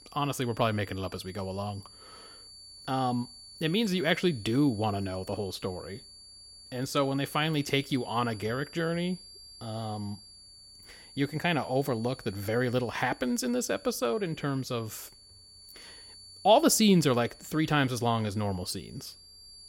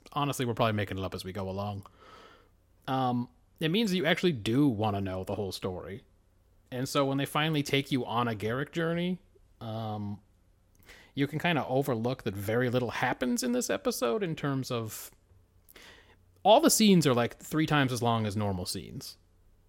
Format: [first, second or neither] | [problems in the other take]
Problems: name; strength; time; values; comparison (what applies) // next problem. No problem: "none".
second | high-pitched whine; noticeable; throughout; 4.5 kHz, 20 dB below the speech